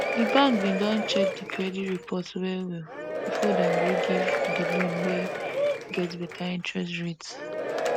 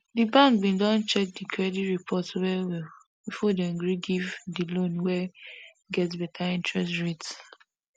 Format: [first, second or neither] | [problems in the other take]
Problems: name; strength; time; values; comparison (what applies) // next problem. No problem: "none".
second | background sound (Applause / Crowd / Cheering); as loud as the speech